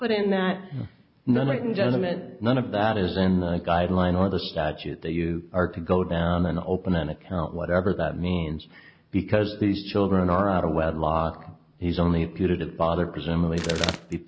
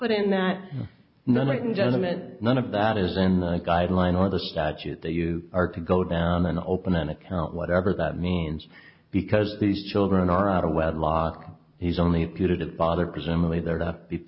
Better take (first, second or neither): second